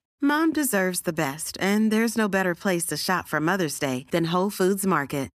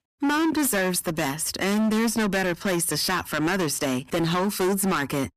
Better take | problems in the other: first | distortion; heavy; 24% of the sound clipped

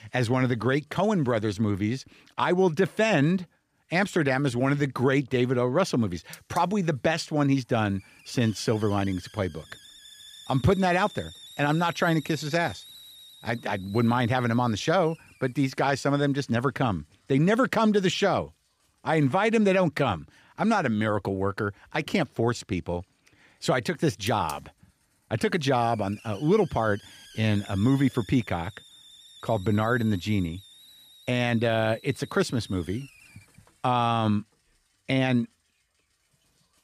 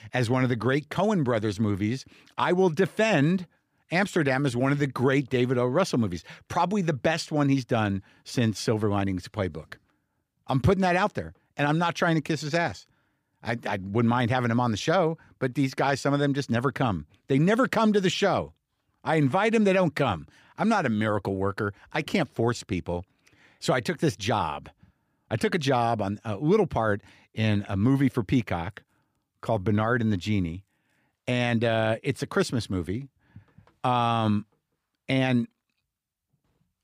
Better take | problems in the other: second | hiss; faint; throughout; 20 dB below the speech

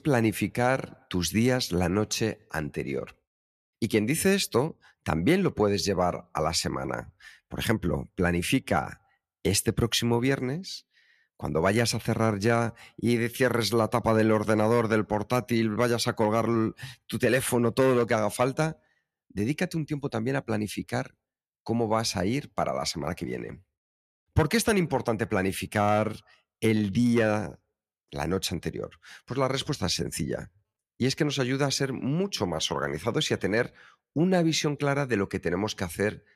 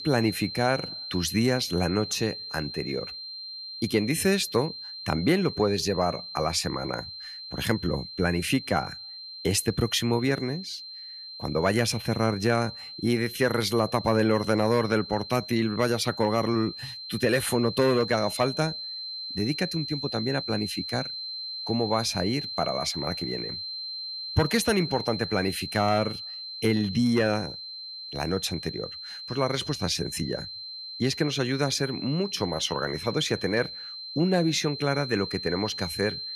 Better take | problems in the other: first | high-pitched whine; loud; throughout; 4 kHz, 8 dB below the speech

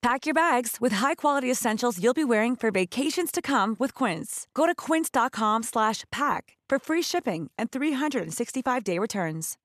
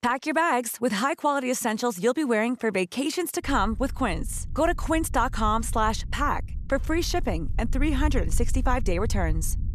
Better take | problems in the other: first | low rumble; faint; from 3.5 s on; 25 dB below the speech

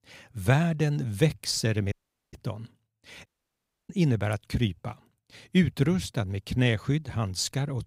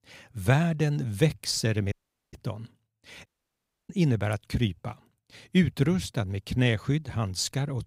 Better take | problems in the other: neither | audio cutting out; at 2 s and at 3.5 s for 0.5 s; the same in both

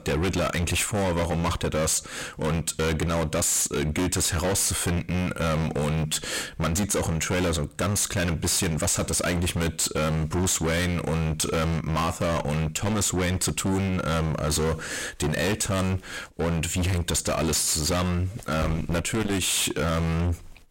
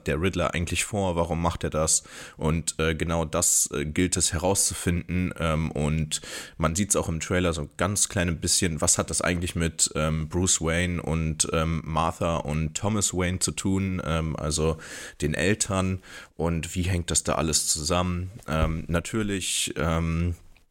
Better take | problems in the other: second | distortion; heavy; 36% of the sound clipped

